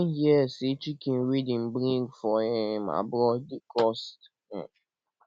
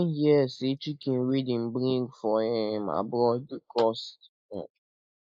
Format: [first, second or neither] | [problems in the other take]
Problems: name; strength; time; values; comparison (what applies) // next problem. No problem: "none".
first | noise reduction (neural mask model Resemble Enhance denoiser)